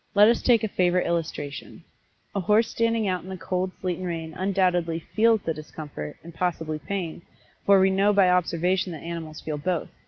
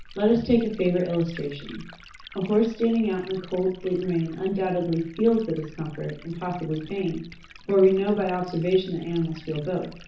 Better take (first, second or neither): first